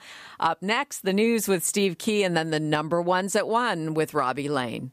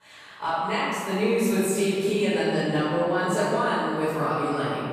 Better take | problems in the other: first | room echo; strong; dies away in 2.2 s // off-mic speech; far

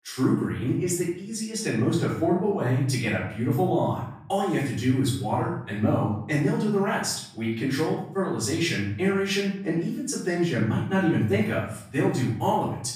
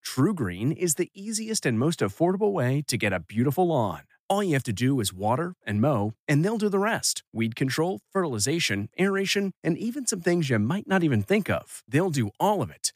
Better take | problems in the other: second | off-mic speech; far // room echo; noticeable; dies away in 0.6 s

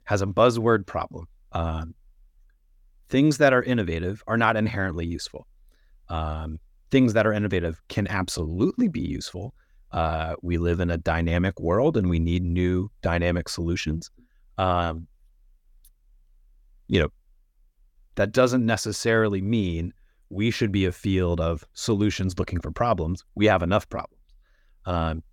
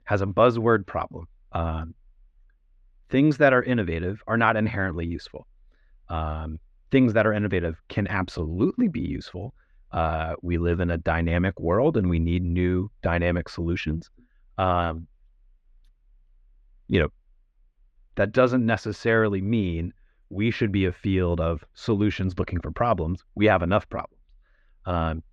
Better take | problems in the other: first | muffled; slightly; fading above 2.5 kHz

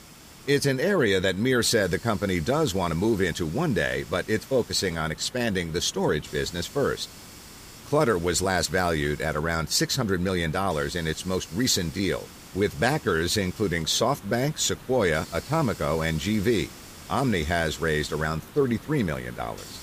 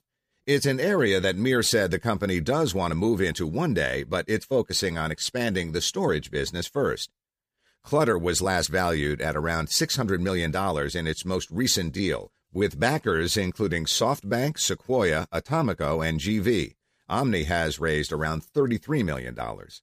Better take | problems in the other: second | hiss; noticeable; throughout; 20 dB below the speech

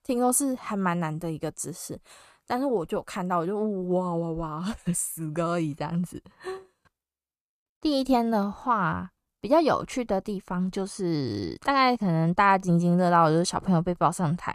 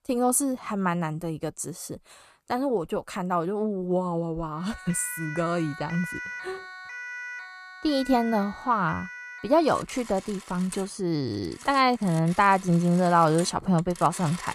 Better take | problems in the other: first | alarms or sirens; noticeable; from 4.5 s on; 15 dB below the speech

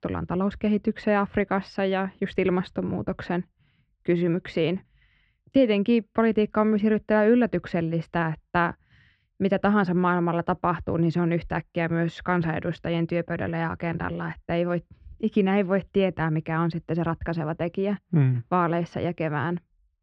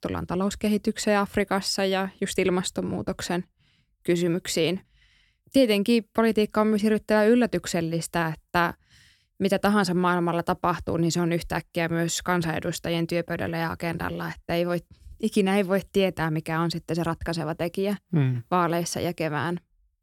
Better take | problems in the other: second | muffled; very; fading above 2.5 kHz

